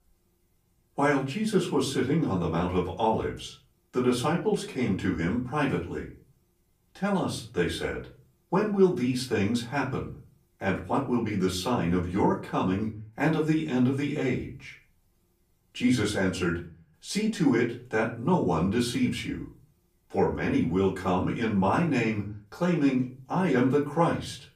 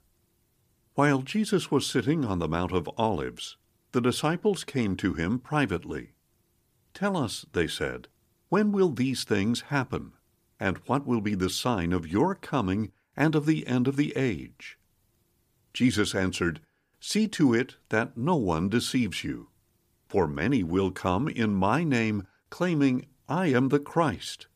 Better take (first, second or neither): second